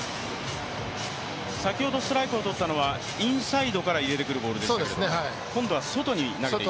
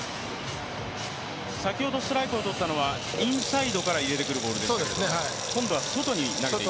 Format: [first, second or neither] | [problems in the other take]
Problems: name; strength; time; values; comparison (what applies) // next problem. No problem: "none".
first | background sound (Sink (filling or washing) / Water tap, faucet); 7 dB below the speech